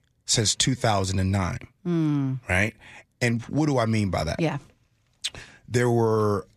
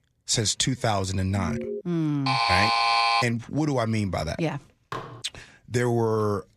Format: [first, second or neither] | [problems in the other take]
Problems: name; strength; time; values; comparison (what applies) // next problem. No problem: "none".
first | alarm; noticeable; at 1.5 s; peak 5 dB below the speech // alarm; loud; at 2.5 s; peak 6 dB above the speech // clattering dishes; faint; at 5 s; peak 10 dB below the speech